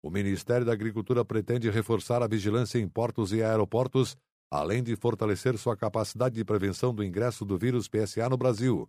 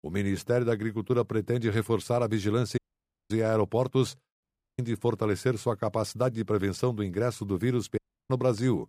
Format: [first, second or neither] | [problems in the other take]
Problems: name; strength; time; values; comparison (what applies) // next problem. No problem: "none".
first | audio cutting out; at 3 s for 0.5 s, at 4.5 s and at 8 s